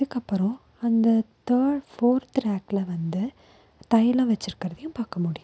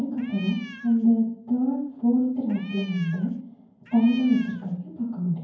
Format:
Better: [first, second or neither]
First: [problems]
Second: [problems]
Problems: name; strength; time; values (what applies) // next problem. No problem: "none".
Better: first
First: none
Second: background sound (Cat); 19 dB below the speech // room echo; dies away in 0.9 s